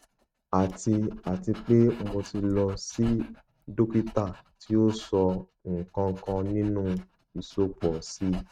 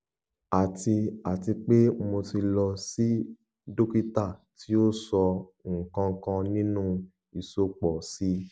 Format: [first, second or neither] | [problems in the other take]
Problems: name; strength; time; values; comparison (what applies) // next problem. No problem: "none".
second | noise reduction (neural mask model RNNoise)